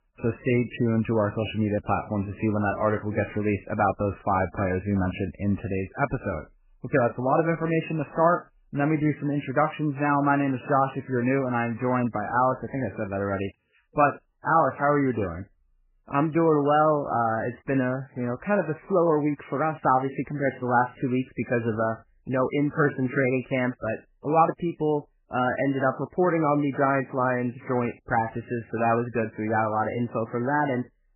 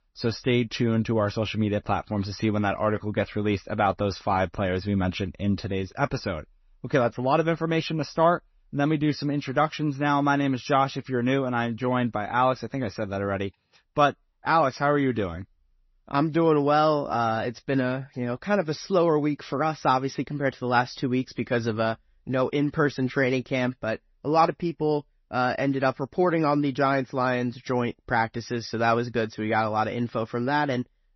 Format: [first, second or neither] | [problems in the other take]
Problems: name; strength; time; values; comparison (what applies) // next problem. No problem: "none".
second | garbled, watery; badly; nothing above 3 kHz; slightly in the second